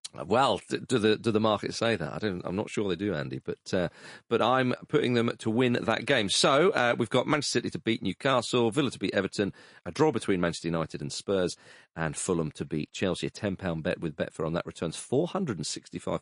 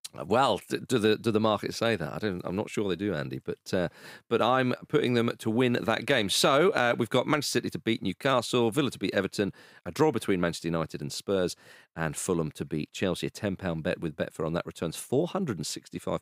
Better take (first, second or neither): second